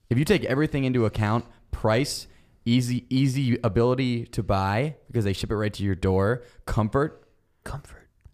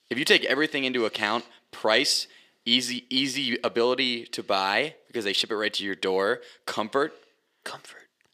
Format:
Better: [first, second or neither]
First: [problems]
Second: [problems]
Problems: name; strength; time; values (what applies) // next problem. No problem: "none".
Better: first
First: none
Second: thin; somewhat; fading below 300 Hz